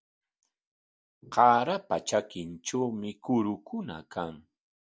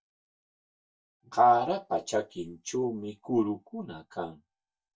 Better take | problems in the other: first | noise reduction (neural mask model DeepFilterNet 3)

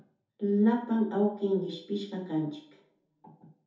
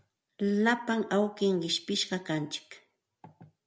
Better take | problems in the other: second | room echo; dies away in 0.5 s

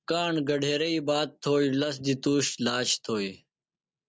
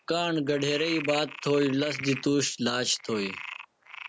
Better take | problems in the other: first | background sound (Frog); 13 dB below the speech

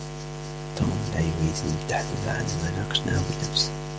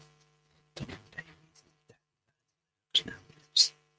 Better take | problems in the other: first | noise reduction (neural mask model RNNoise)

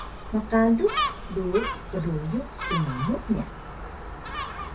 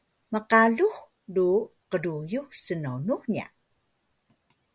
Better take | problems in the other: second | background sound (Gull, seagull); 6 dB below the speech // room echo; dies away in 0.3 s

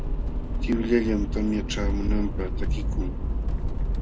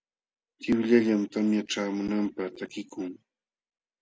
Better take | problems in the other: second | background sound (Accelerating, revving, vroom); 3 dB above the speech

